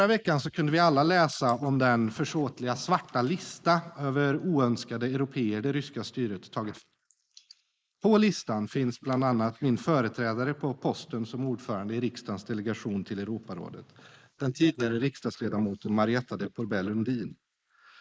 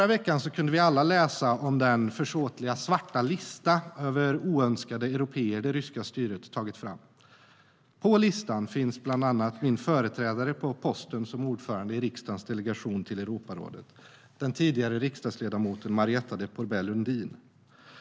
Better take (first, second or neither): second